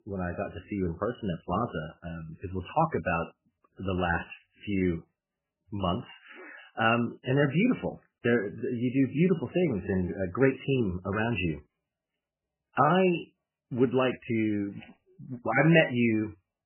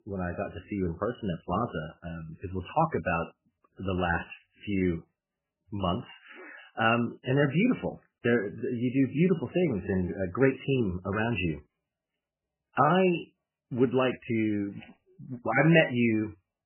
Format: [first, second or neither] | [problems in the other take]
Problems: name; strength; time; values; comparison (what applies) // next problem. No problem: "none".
neither | garbled, watery; badly; nothing above 3 kHz; the same in both